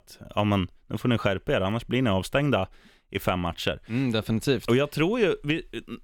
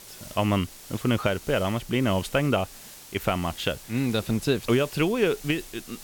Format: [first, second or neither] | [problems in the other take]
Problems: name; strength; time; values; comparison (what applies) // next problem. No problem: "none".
first | hiss; noticeable; throughout; 15 dB below the speech